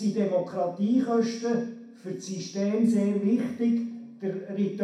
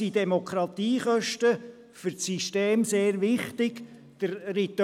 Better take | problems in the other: second | room echo; dies away in 0.6 s

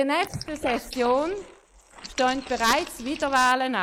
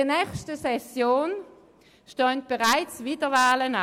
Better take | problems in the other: second | noise reduction (neural mask model Resemble Enhance denoiser)

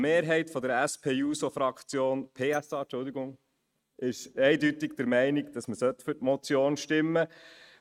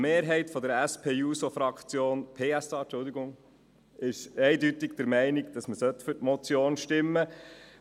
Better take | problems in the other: second | noise reduction (neural mask model RNNoise)

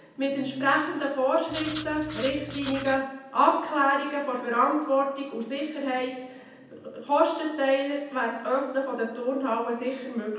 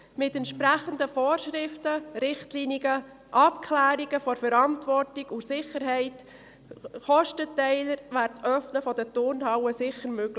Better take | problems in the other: second | background sound (Writing); 12 dB below the speech // room echo; dies away in 0.9 s

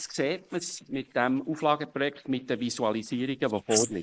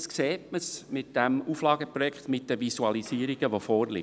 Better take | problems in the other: second | noise reduction (neural mask model Resemble Enhance denoiser)

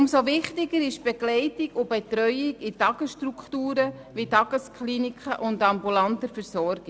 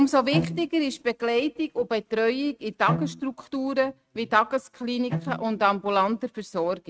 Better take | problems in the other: first | noise reduction (neural mask model RNNoise)

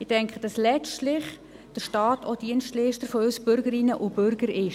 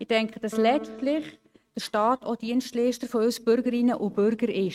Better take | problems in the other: first | noise reduction (neural mask model RNNoise)

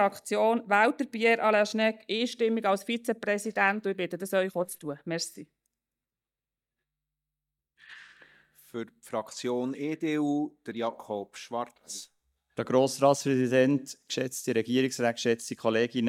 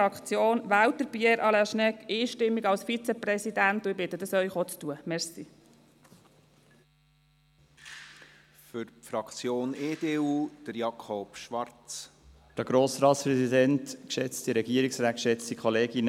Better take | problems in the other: second | noise reduction (neural mask model DeepFilterNet 3)

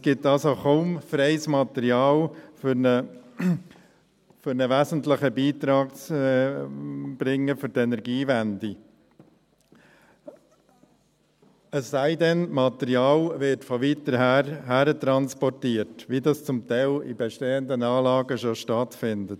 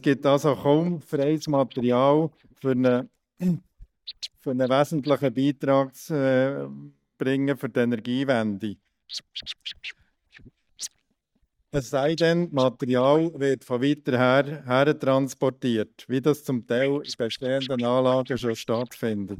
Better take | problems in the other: first | noise reduction (neural mask model DeepFilterNet 3)

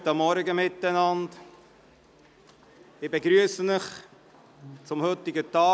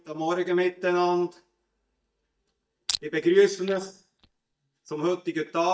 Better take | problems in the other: first | noise reduction (neural mask model DeepFilterNet 3)

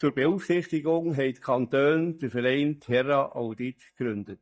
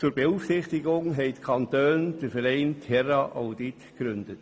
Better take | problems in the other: second | noise reduction (neural mask model DeepFilterNet 3)

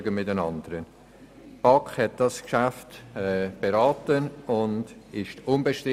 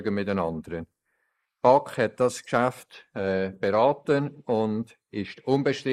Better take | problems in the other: first | noise reduction (neural mask model Resemble Enhance denoiser)

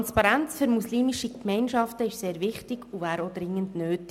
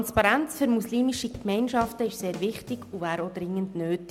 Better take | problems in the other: first | background sound (Drum kit); 16 dB below the speech

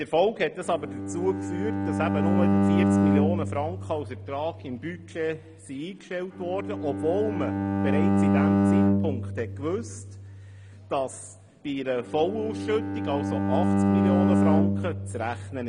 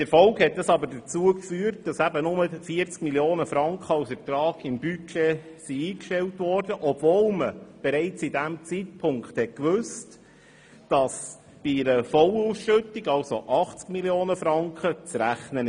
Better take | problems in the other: second | background sound (Bowed string instrument); 4 dB above the speech

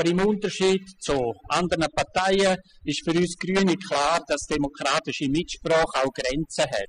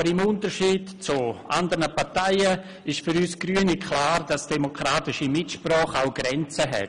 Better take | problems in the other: second | noise reduction (classical method spectral subtraction)

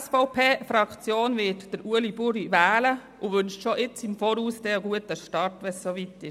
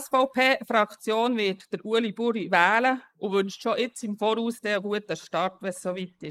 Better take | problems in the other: first | noise reduction (neural mask model Resemble Enhance denoiser)

